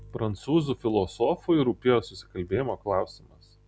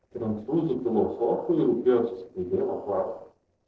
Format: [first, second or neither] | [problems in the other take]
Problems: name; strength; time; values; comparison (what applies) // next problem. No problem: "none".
first | noise reduction (neural separator model SepFormer DNS4)